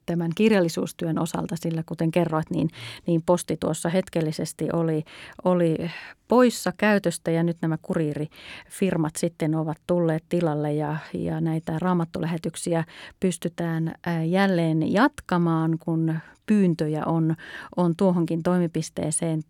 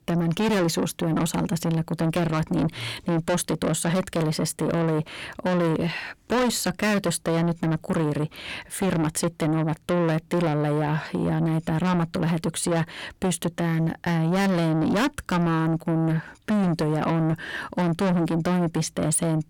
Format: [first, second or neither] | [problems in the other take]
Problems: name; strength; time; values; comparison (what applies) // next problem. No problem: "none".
first | distortion; heavy; 6 dB below the speech